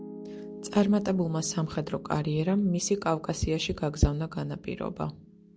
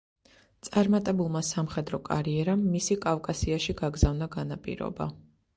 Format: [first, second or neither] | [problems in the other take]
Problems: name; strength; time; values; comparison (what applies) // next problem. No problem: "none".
second | background sound (Piano); 17 dB below the speech